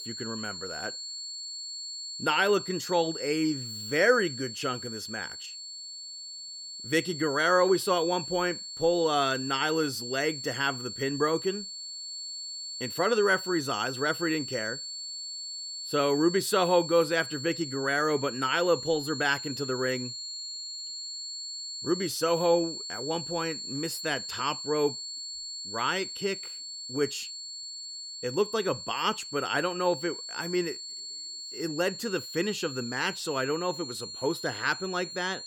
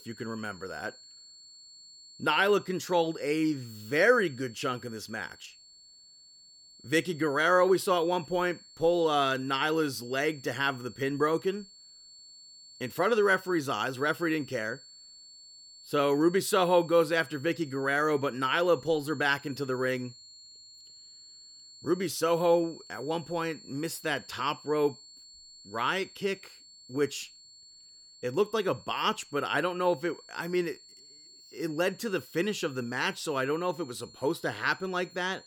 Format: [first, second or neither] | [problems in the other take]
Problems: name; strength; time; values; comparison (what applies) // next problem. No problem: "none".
second | high-pitched whine; loud; throughout; 4.5 kHz, 7 dB below the speech; faint in the second